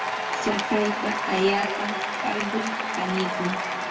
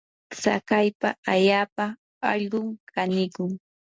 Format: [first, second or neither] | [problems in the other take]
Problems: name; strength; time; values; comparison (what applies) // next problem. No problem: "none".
second | background sound (Applause / Cheering); as loud as the speech // room echo; dies away in 2.6 s